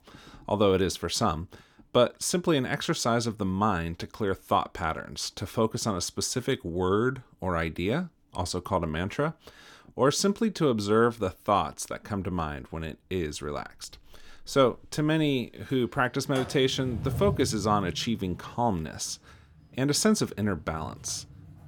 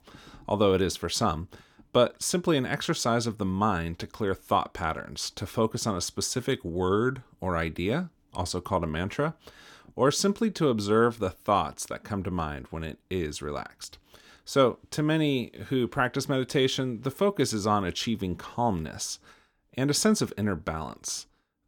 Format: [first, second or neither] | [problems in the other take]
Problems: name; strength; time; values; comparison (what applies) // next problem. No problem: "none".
second | household noises; noticeable; throughout; 10 dB below the speech